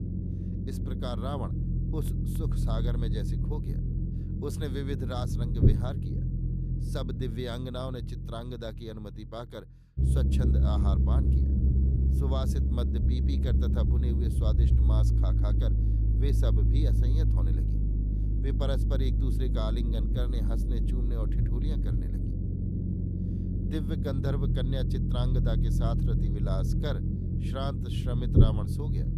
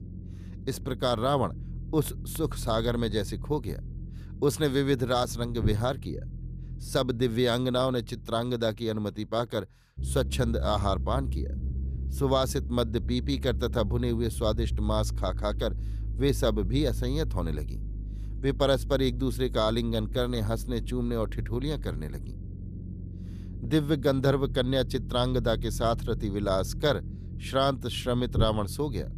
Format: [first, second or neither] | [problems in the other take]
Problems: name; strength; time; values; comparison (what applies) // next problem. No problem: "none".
second | low rumble; loud; throughout; 1 dB below the speech; faint in the second